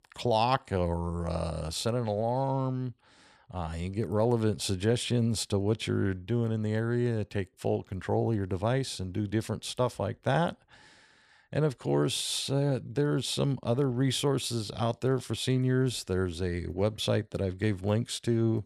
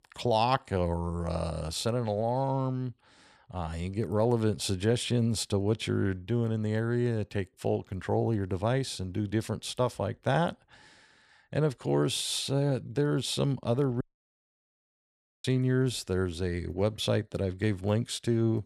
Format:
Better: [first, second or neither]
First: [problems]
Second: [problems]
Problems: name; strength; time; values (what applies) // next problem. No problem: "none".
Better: first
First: none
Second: audio cutting out; at 14 s for 1.5 s